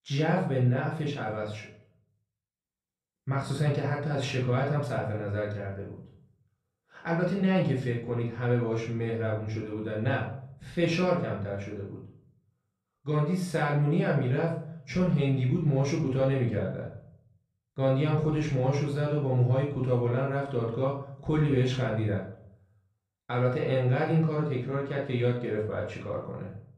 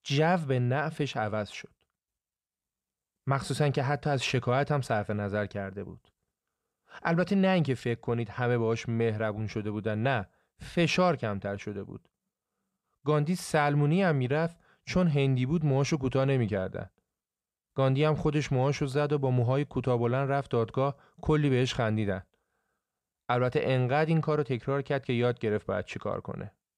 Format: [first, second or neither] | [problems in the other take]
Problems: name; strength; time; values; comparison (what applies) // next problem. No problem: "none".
second | off-mic speech; far // room echo; noticeable; dies away in 0.5 s